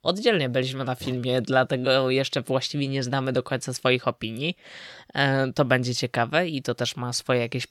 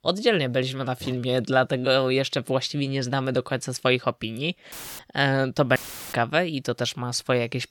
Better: first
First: none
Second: audio cutting out; filled with static; at 4.5 s and at 6 s

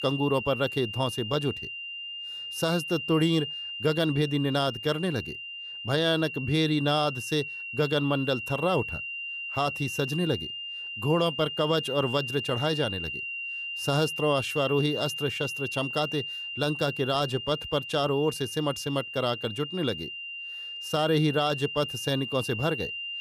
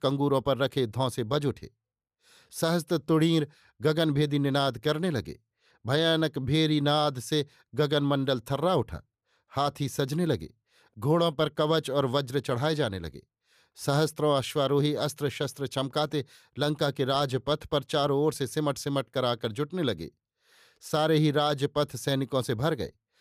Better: second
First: high-pitched whine; loud; throughout; 3 kHz, 6 dB below the speech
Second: none

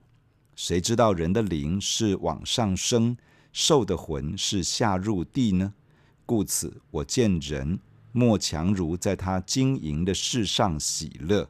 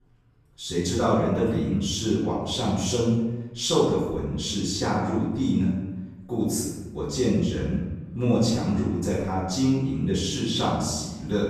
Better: first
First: none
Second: off-mic speech; far // room echo; noticeable; dies away in 1 s

